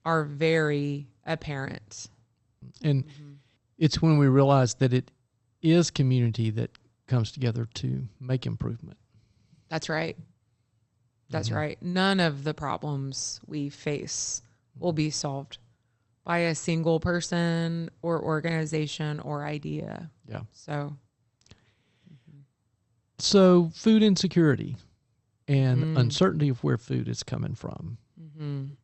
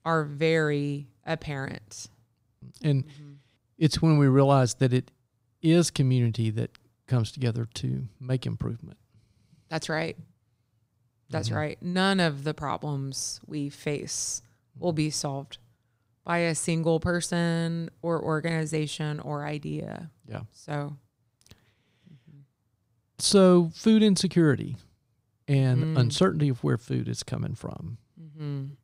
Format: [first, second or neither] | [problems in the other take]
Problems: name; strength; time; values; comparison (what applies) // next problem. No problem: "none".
second | garbled, watery; slightly; nothing above 8 kHz